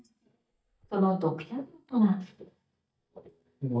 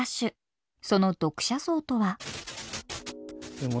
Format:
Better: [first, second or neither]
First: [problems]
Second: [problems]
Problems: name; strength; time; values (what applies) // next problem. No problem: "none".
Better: second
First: noise reduction (neural mask model DeepFilterNet 3)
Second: none